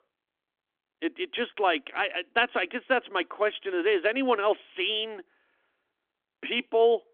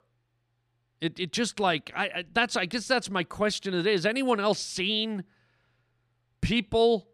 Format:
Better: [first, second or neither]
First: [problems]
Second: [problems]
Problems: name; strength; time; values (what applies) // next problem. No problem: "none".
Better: second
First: phone-call audio; nothing above 3.5 kHz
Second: none